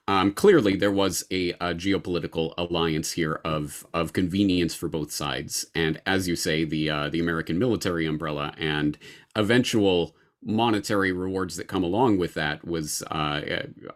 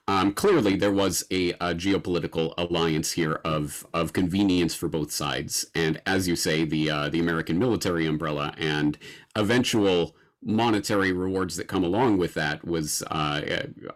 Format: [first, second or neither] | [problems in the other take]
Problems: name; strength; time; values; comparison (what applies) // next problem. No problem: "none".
first | distortion; slight; 10 dB below the speech